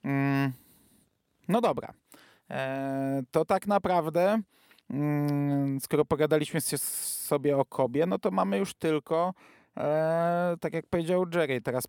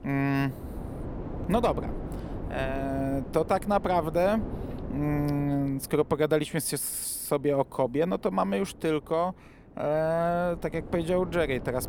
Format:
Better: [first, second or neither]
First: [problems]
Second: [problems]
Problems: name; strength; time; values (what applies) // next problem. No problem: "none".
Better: first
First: none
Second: wind noise on the microphone; occasional gusts; 15 dB below the speech